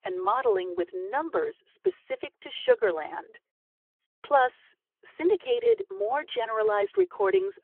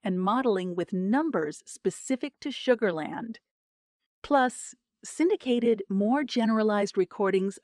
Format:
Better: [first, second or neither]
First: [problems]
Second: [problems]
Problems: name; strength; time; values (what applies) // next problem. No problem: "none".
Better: second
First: phone-call audio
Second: none